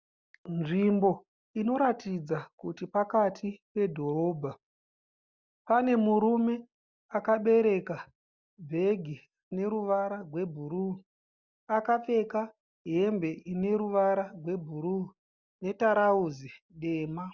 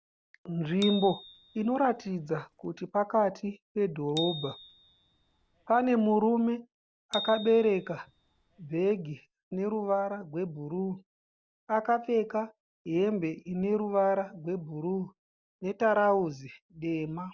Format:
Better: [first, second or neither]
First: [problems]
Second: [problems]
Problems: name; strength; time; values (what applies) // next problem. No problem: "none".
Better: first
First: none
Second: background sound (Bicycle bell); 13 dB below the speech